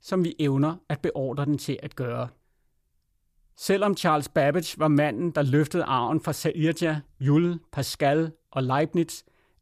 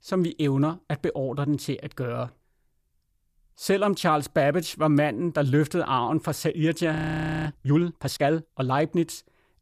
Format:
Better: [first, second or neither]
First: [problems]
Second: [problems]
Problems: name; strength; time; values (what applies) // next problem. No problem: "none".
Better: first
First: none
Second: audio freezing; at 7 s for 0.5 s